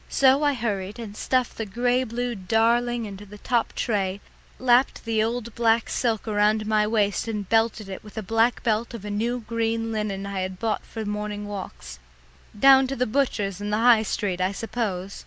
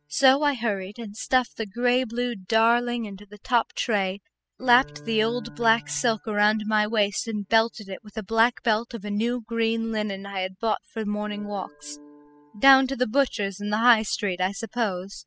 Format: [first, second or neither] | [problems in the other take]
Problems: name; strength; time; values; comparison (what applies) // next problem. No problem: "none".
first | noise reduction (classical method spectral subtraction)